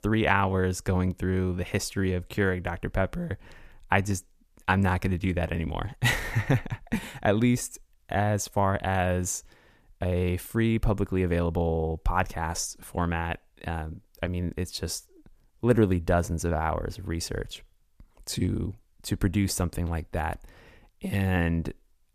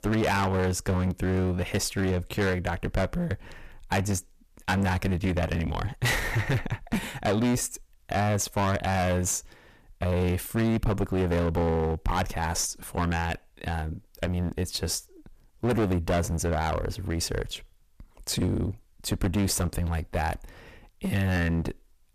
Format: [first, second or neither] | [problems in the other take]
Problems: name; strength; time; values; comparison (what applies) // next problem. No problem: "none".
first | distortion; heavy; 14% of the sound clipped